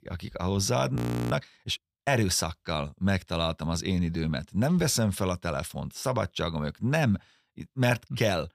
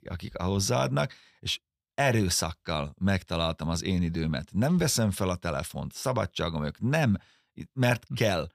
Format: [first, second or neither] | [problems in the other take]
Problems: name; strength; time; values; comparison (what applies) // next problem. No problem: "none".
second | audio freezing; at 1 s